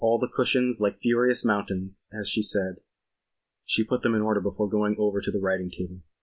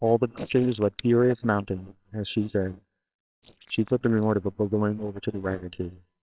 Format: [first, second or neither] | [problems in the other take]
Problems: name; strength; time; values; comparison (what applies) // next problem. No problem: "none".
first | noise reduction (neural separator model SepFormer WHAMR!)